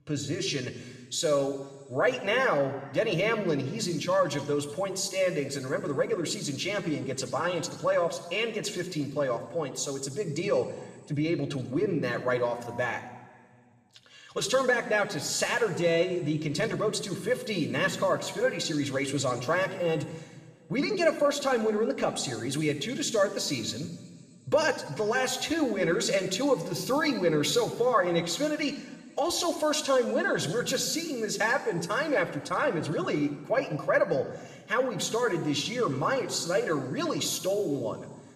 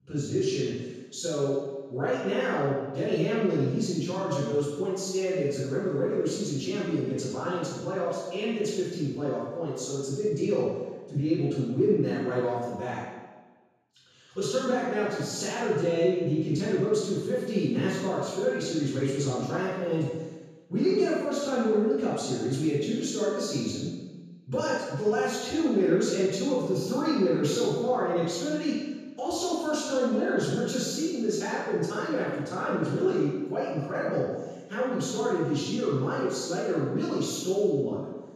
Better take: first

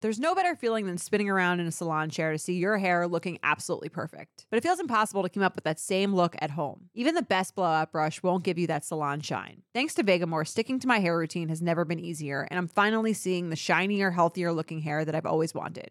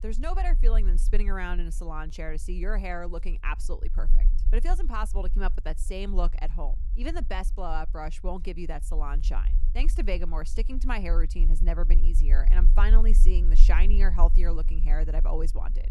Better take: first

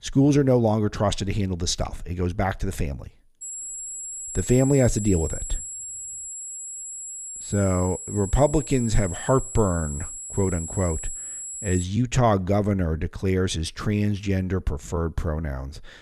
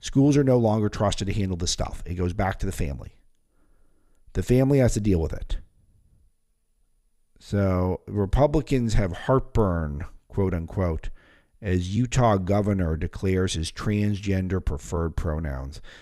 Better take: second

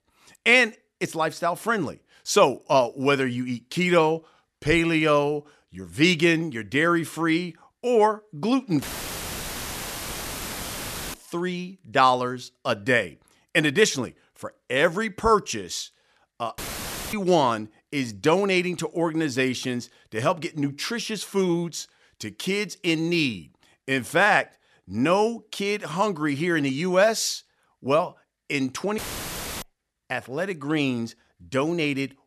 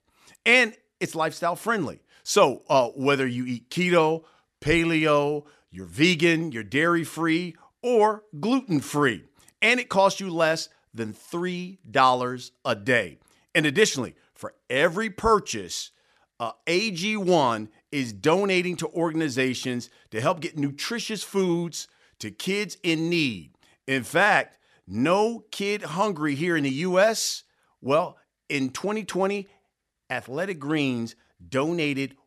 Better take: second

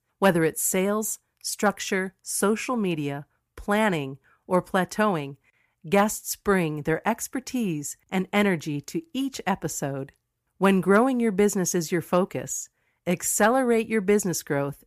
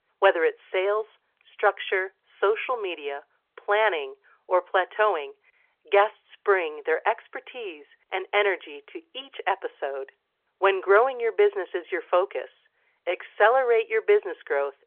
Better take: first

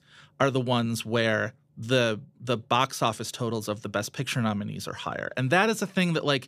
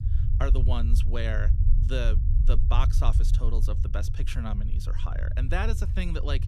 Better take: first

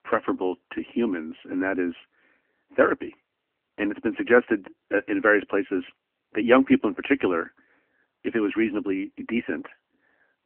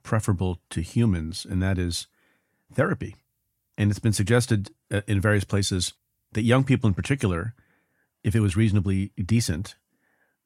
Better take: second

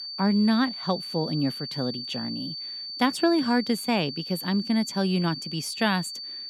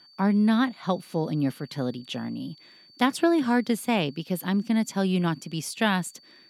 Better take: second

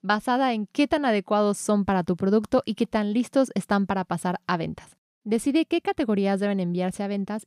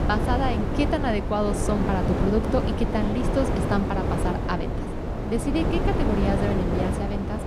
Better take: first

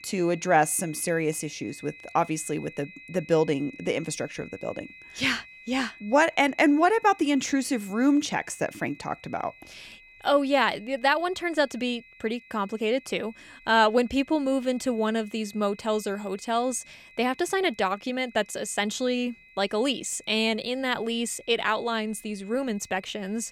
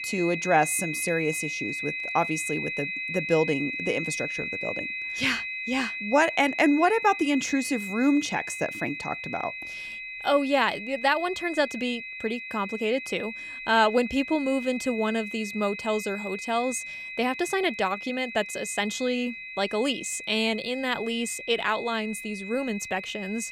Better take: first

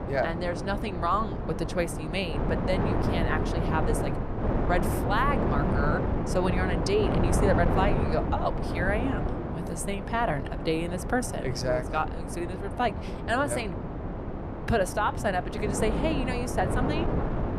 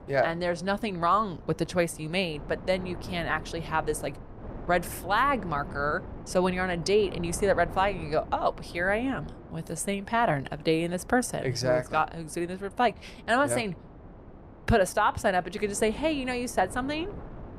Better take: second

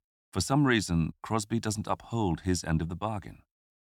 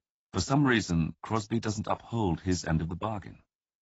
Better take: first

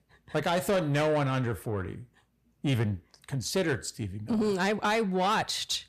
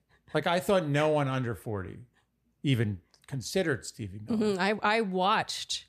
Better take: second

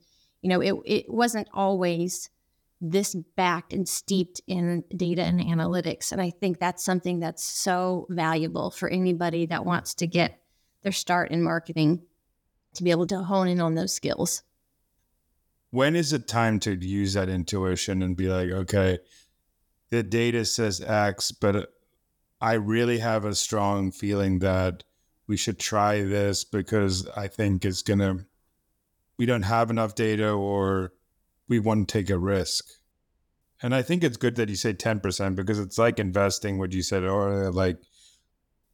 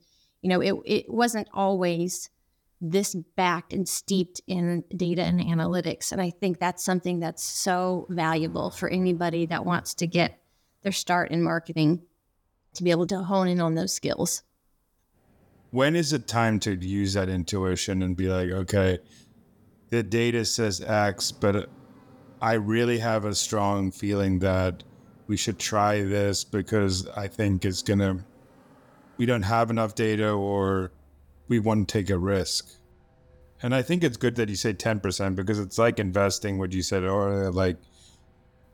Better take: first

